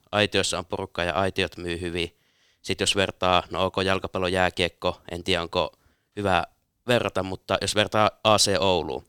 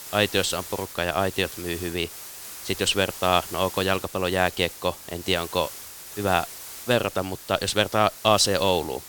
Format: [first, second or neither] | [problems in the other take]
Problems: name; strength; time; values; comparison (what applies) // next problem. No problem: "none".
first | hiss; noticeable; throughout; 15 dB below the speech